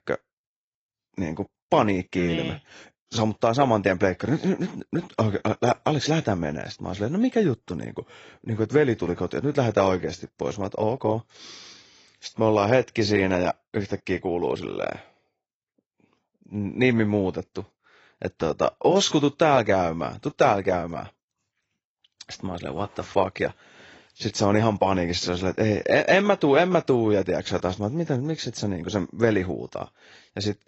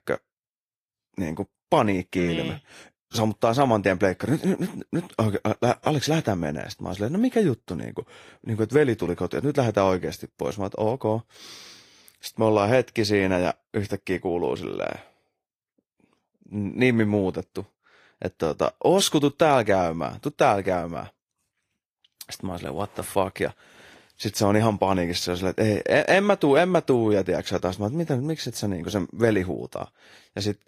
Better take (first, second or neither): second